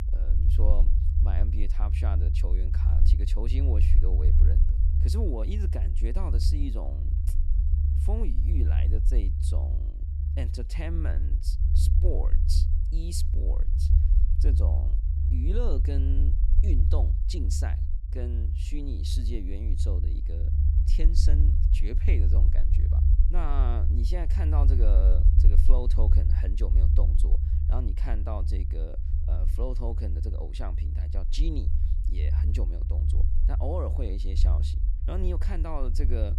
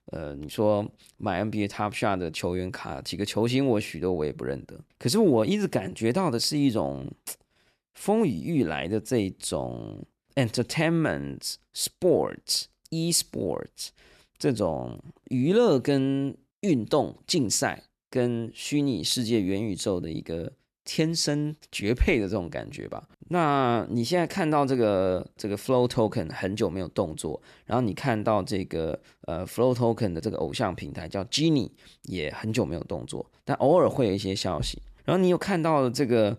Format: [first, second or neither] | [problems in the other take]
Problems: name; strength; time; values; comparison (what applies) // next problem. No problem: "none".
second | low rumble; loud; throughout; 4 dB below the speech